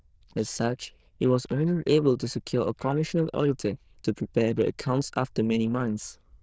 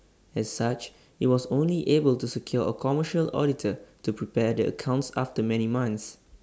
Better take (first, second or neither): second